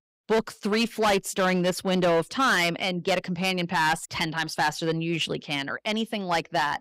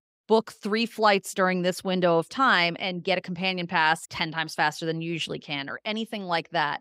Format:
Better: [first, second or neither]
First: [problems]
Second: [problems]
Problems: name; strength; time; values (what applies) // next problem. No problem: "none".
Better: second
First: distortion; heavy; 9% of the sound clipped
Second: none